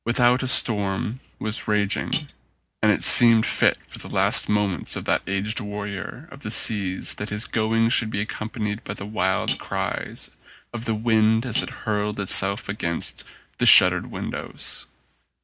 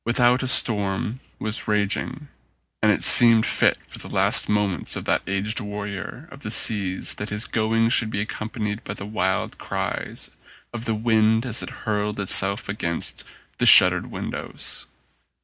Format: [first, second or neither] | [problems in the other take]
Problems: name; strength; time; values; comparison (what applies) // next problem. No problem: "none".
second | background sound (Cutlery, silverware); 13 dB below the speech